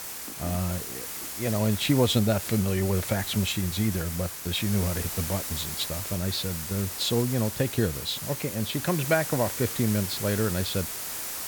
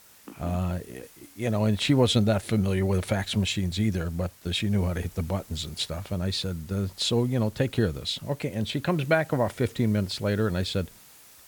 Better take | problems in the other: second | hiss; loud; throughout; 5 dB below the speech; faint in the second

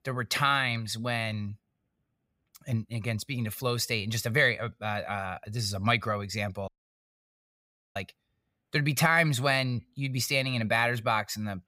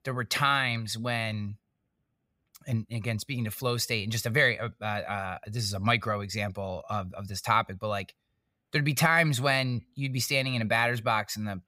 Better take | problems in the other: second | audio cutting out; at 6.5 s for 1.5 s

